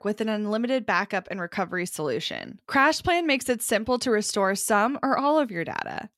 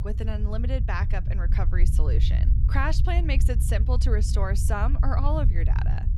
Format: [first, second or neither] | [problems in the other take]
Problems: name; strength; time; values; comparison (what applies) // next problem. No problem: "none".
first | low rumble; loud; throughout; 9 dB below the speech